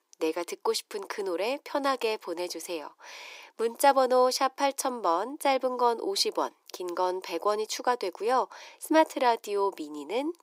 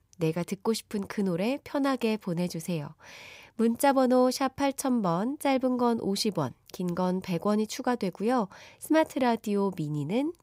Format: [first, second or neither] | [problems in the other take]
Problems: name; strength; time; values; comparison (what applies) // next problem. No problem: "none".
second | thin; very; fading below 350 Hz